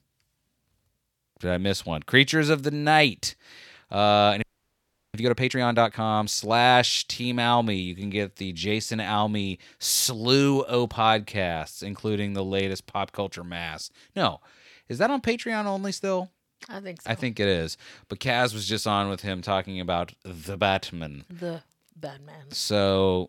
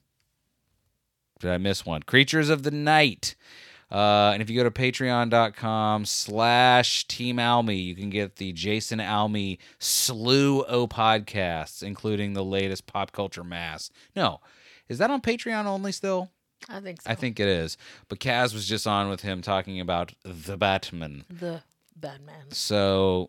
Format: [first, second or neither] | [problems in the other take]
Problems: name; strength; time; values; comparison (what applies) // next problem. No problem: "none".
second | audio freezing; at 4.5 s for 0.5 s